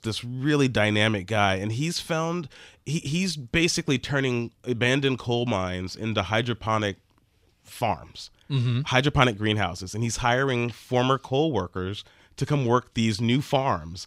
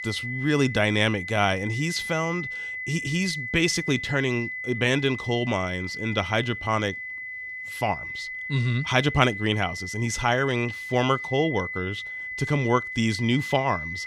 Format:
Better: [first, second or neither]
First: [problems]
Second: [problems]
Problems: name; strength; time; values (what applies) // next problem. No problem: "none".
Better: first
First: none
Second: high-pitched whine; loud; throughout; 2 kHz, 7 dB below the speech